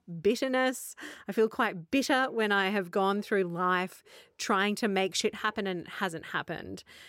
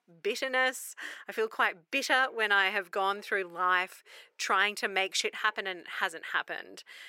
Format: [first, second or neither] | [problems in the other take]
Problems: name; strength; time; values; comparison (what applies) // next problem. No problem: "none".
first | thin; very; fading below 500 Hz